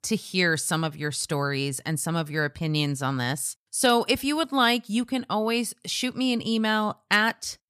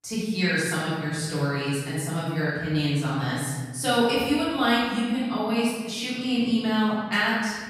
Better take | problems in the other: first | room echo; strong; dies away in 1.6 s // off-mic speech; far

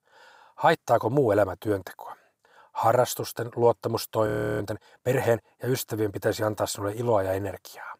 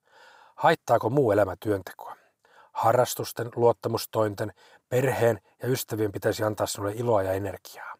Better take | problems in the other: second | audio freezing; at 4.5 s

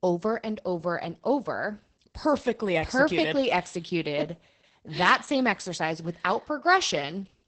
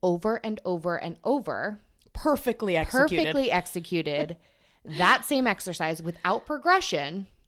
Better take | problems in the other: second | garbled, watery; badly; nothing above 8 kHz; slightly in the second

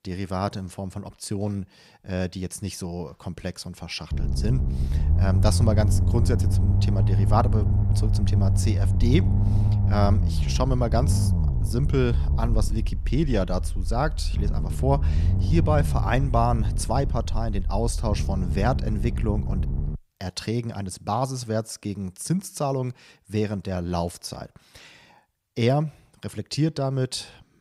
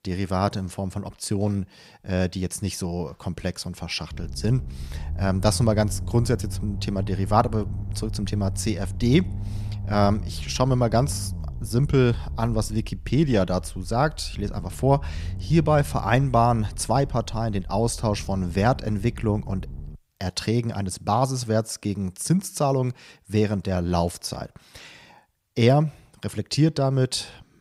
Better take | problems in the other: second | low rumble; loud; from 4 to 20 s; 8 dB below the speech; faint in the second

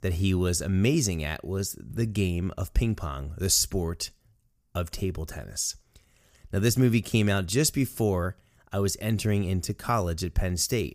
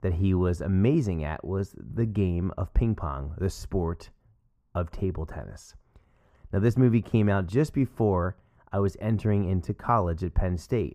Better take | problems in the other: first | muffled; very; fading above 2.5 kHz

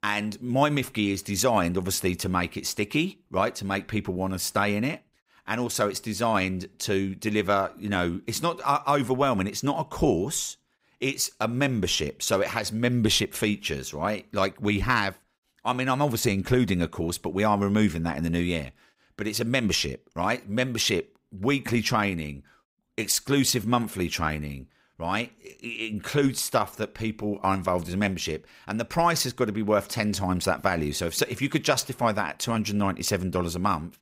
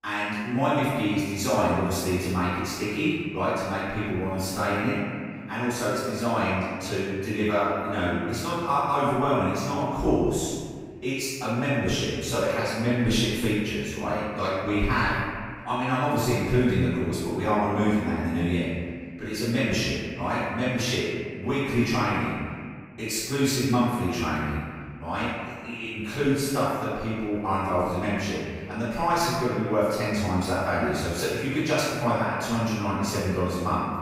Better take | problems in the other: first | off-mic speech; far // room echo; strong; dies away in 1.9 s

